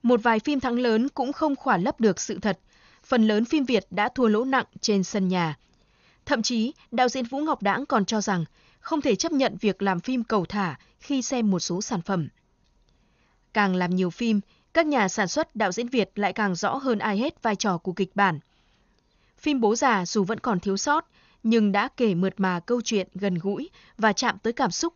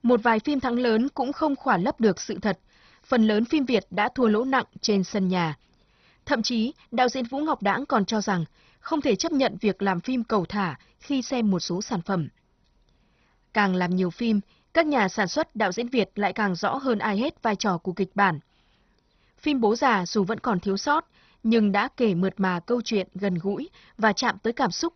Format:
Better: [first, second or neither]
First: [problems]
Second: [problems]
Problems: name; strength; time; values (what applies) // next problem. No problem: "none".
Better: first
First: garbled, watery; slightly; nothing above 6.5 kHz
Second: garbled, watery; badly; nothing above 6 kHz